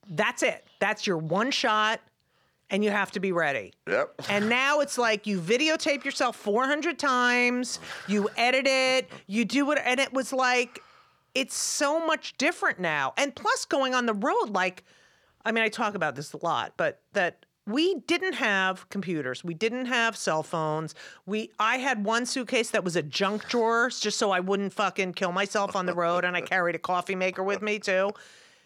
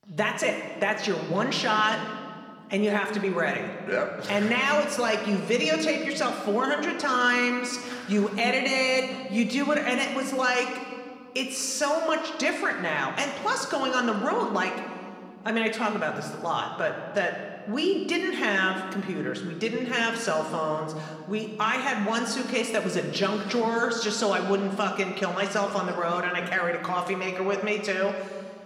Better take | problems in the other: first | room echo; slight; dies away in 1.8 s // off-mic speech; somewhat distant

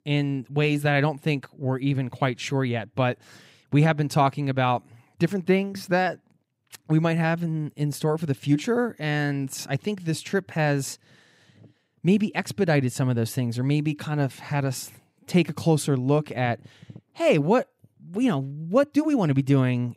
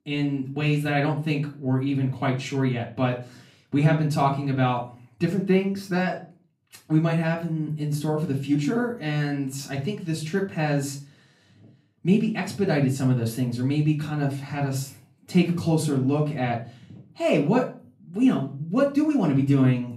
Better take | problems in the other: first | off-mic speech; far // room echo; slight; dies away in 0.3 s

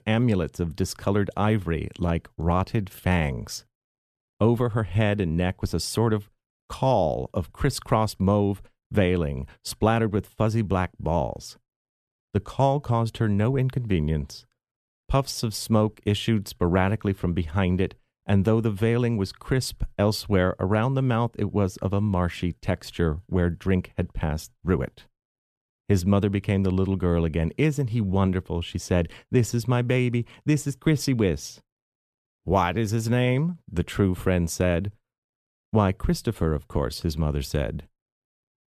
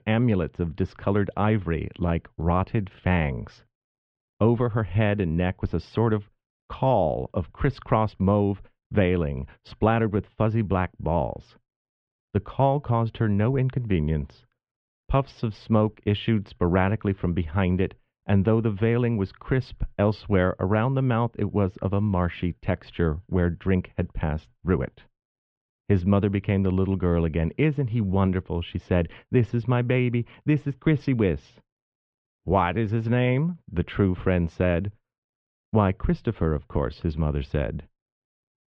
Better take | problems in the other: first | muffled; very; fading above 3 kHz

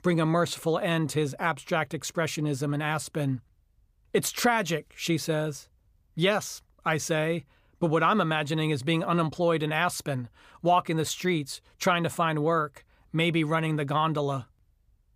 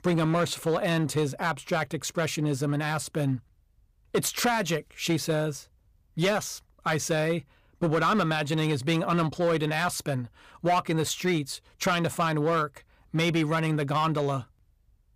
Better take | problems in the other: first | distortion; slight; 5% of the sound clipped

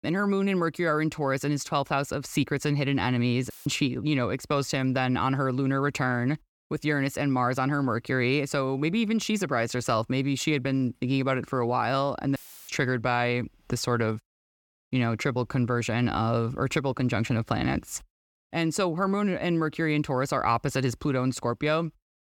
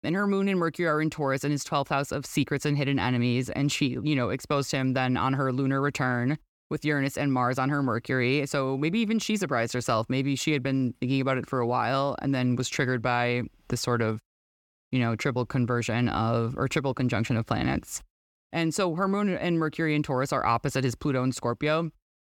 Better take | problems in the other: second | audio cutting out; filled with static; at 3.5 s and at 12 s

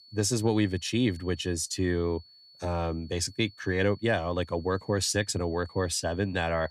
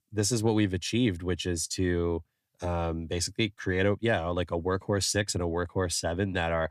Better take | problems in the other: second | high-pitched whine; faint; throughout; 4.5 kHz, 25 dB below the speech

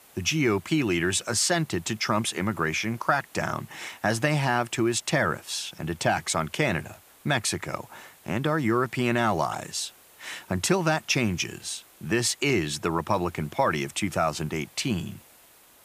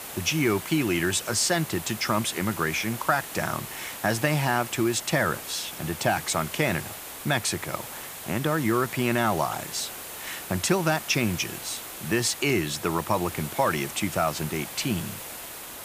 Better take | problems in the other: first | hiss; loud; throughout; 10 dB below the speech; faint in the first

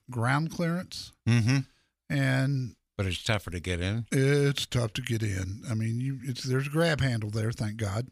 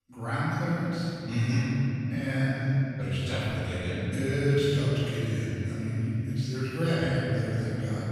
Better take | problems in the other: first | off-mic speech; far // room echo; strong; dies away in 3 s

